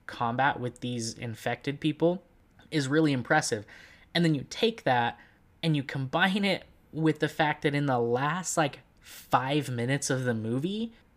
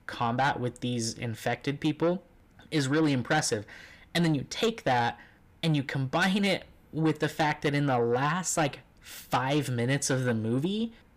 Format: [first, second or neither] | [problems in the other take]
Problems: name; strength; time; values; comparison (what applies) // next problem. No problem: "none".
first | distortion; slight; 10 dB below the speech